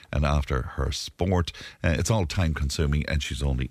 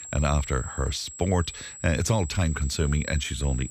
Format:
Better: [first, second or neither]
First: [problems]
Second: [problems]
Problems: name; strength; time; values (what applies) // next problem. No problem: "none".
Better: first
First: none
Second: high-pitched whine; noticeable; throughout; 7.5 kHz, 10 dB below the speech